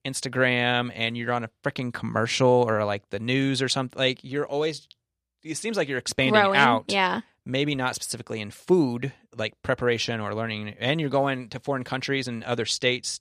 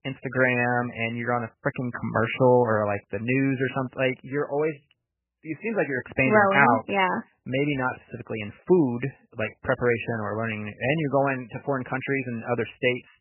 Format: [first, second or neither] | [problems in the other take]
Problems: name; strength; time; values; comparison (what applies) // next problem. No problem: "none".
first | garbled, watery; badly; nothing above 3 kHz